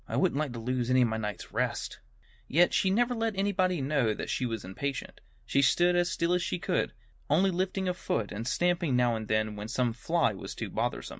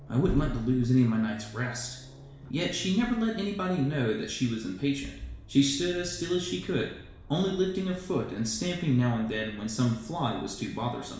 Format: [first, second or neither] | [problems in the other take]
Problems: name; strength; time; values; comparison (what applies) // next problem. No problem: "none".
first | background sound (Accelerating, revving, vroom); 14 dB below the speech // room echo; dies away in 0.7 s